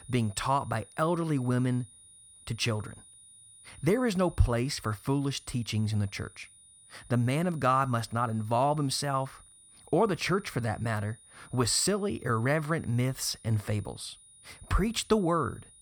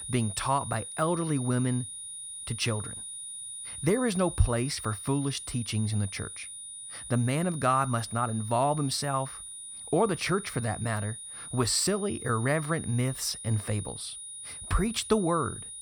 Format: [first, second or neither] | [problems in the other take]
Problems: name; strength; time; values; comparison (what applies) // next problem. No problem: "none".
first | high-pitched whine; loud; throughout; 9.5 kHz, 9 dB below the speech; faint in the first